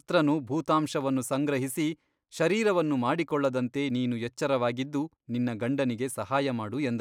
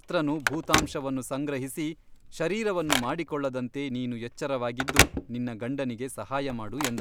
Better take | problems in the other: first | background sound (Telephone); 2 dB below the speech

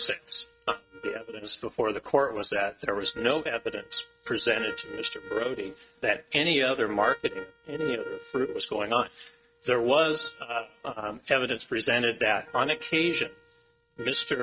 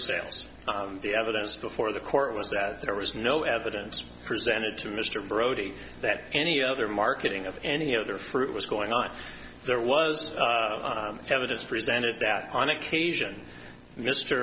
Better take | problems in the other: second | noise reduction (neural mask model RNNoise)

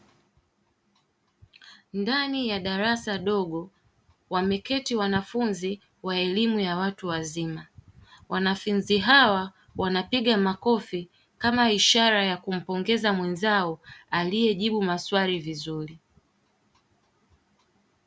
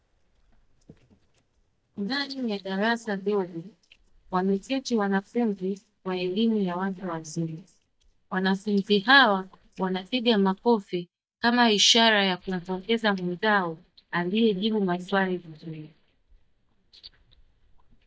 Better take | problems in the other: first | noise reduction (neural mask model DeepFilterNet 3)

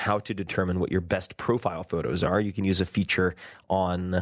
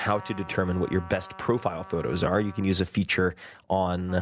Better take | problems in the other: first | background sound (Trumpet); 19 dB below the speech

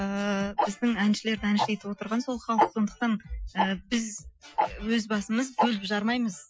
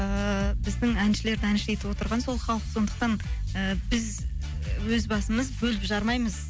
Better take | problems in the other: second | noise reduction (classical method Wiener filter)

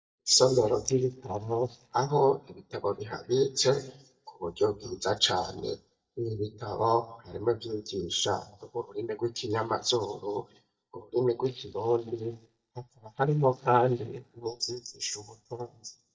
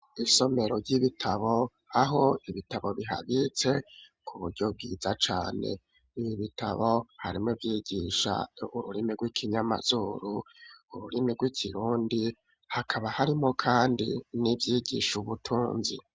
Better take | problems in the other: second | noise reduction (neural mask model DeepFilterNet 3)

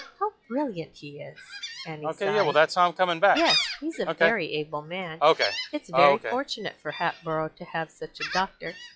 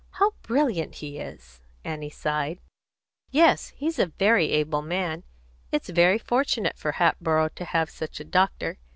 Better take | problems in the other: second | noise reduction (classical method log-MMSE)

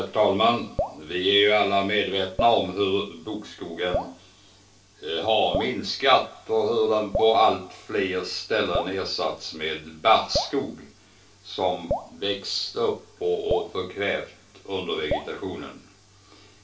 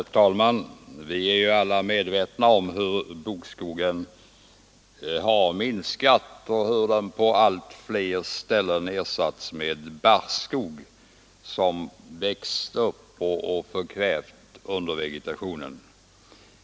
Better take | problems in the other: second | background sound (Drip); 11 dB below the speech // room echo; dies away in 0.2 s

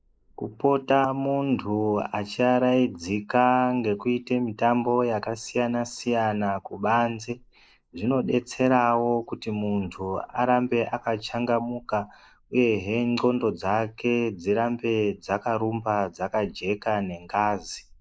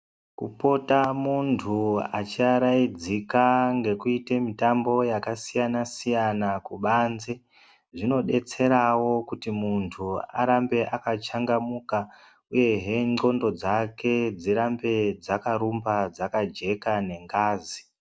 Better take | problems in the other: second | noise reduction (neural mask model Resemble Enhance denoiser)

